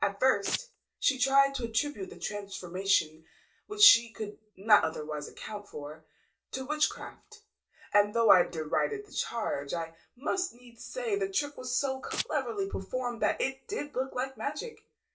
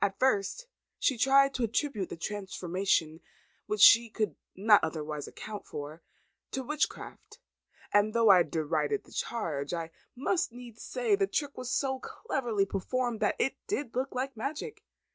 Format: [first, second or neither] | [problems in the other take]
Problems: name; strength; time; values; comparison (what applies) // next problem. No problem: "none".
second | background sound (Domestic sounds, home sounds); 8 dB below the speech // room echo; dies away in 0.2 s